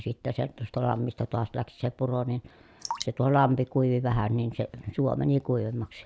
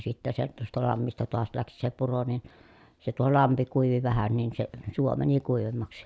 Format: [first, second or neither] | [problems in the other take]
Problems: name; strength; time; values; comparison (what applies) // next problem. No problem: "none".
second | background sound (Drip); 15 dB below the speech